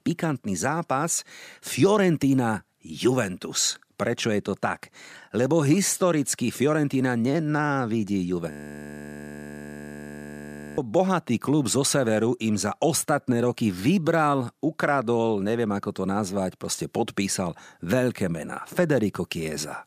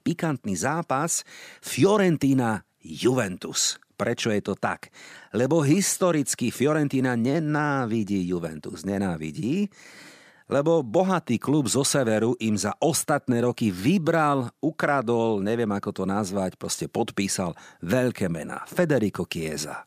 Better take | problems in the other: second | audio freezing; at 8.5 s for 2.5 s

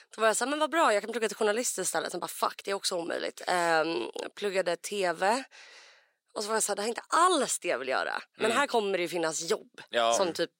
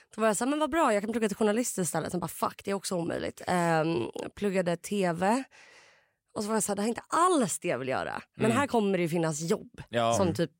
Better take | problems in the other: second | thin; somewhat; fading below 400 Hz

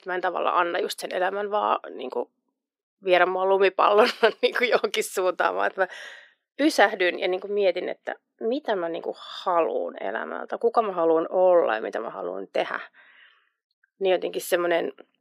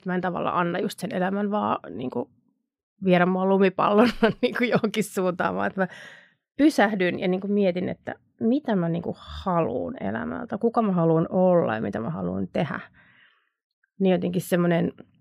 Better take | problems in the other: second | thin; very; fading below 350 Hz

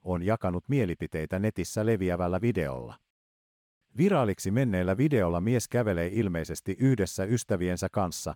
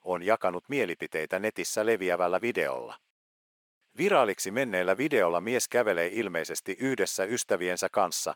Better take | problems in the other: first | thin; somewhat; fading below 450 Hz

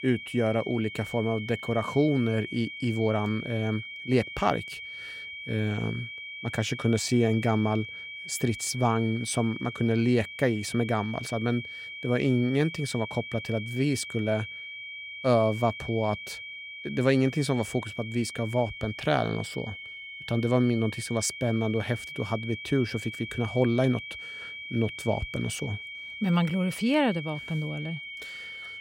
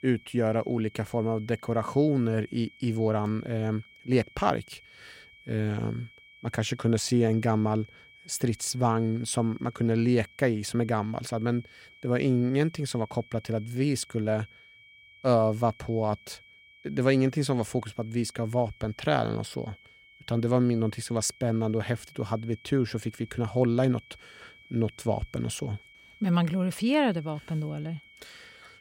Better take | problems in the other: second | high-pitched whine; loud; throughout; 2.5 kHz, 10 dB below the speech; faint in the second

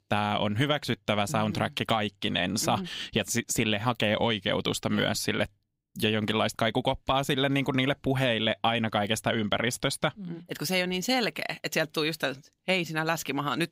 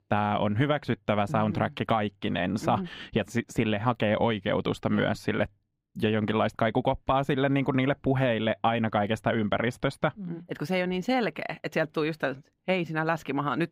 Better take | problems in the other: first | muffled; slightly; fading above 3 kHz

